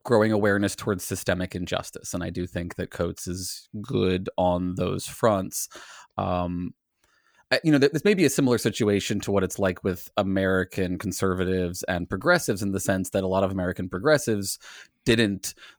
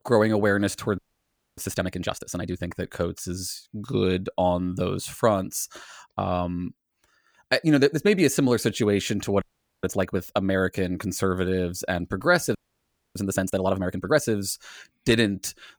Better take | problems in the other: first | audio freezing; at 1 s for 0.5 s, at 9.5 s and at 13 s for 0.5 s

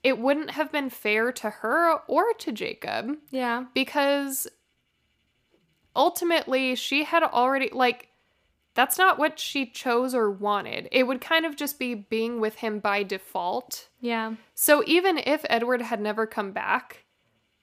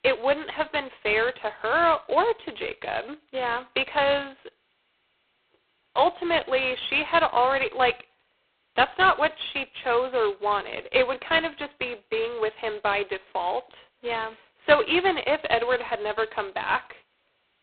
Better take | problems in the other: first | phone-call audio; poor line; nothing above 4 kHz

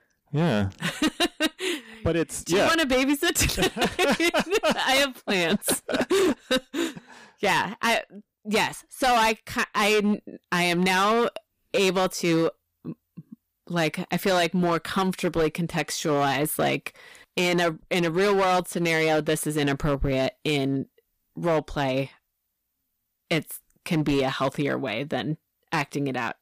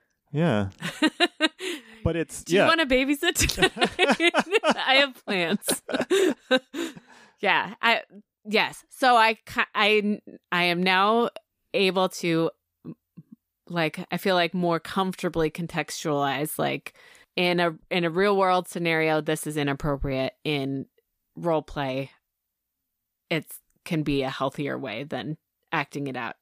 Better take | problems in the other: second | distortion; heavy; 10% of the sound clipped

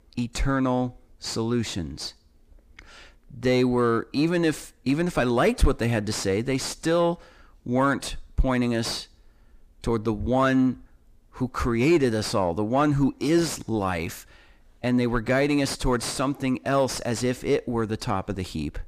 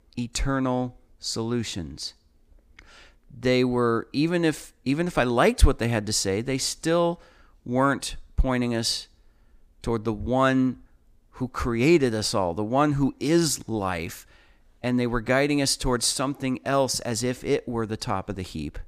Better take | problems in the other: second | distortion; slight; 10 dB below the speech

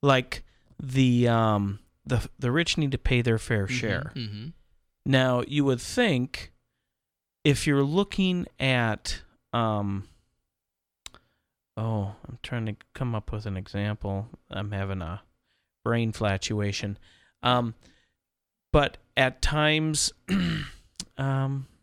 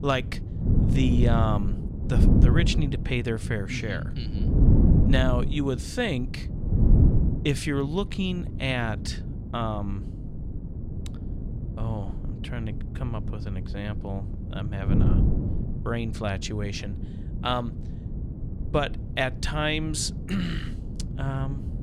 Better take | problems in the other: first | wind noise on the microphone; heavy; 7 dB below the speech

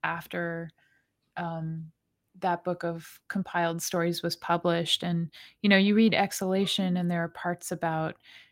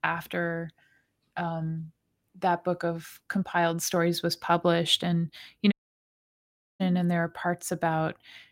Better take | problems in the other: first | audio cutting out; at 5.5 s for 1 s

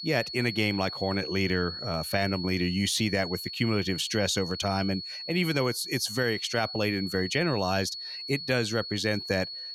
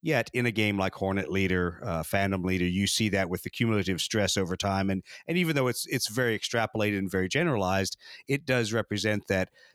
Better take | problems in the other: second | high-pitched whine; loud; throughout; 4.5 kHz, 7 dB below the speech

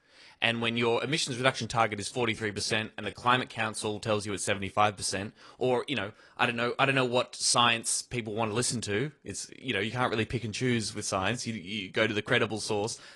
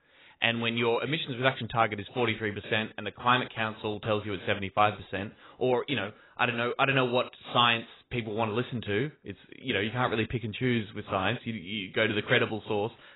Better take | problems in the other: first | garbled, watery; badly; nothing above 4 kHz; slightly in the first

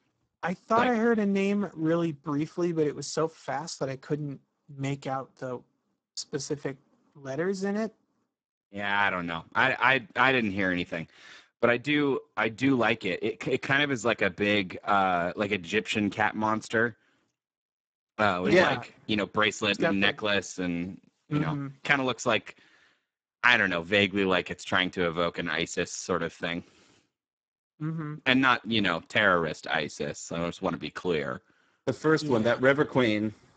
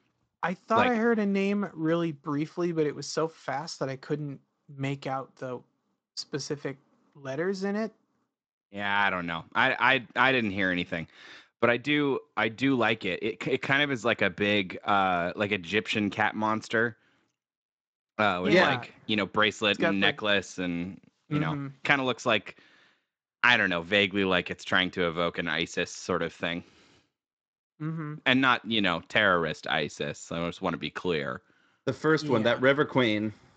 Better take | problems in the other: second | garbled, watery; badly; nothing above 7.5 kHz; slightly in the second

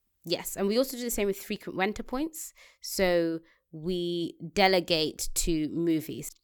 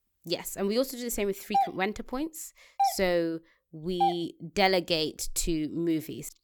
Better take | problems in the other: first | doorbell; loud; from 1.5 to 4 s; peak 2 dB above the speech

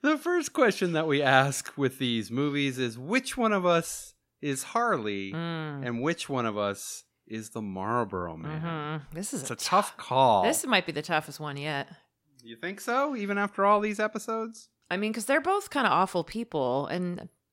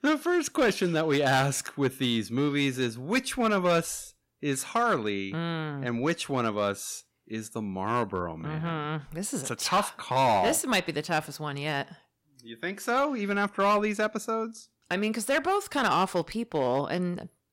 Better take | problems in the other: first | distortion; slight; 4% of the sound clipped

